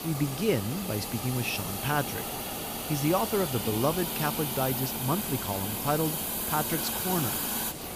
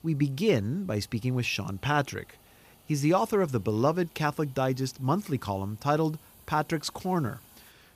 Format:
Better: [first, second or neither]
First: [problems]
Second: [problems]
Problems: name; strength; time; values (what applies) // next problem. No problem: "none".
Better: second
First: hiss; loud; throughout; 1 dB below the speech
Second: hiss; faint; throughout; 25 dB below the speech